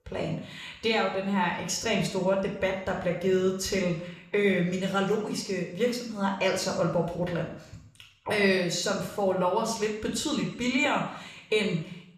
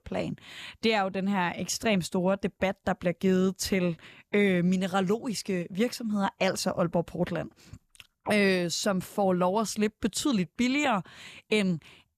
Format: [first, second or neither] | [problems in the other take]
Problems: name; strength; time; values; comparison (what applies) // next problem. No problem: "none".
second | room echo; noticeable; dies away in 0.7 s // off-mic speech; somewhat distant